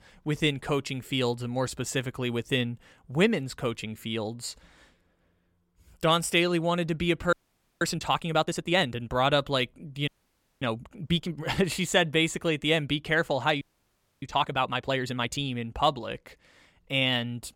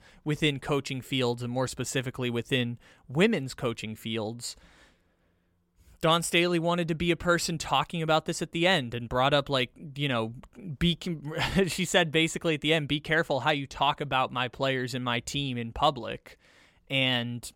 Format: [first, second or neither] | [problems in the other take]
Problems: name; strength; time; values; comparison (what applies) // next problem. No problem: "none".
second | audio freezing; at 7.5 s, at 10 s for 0.5 s and at 14 s for 0.5 s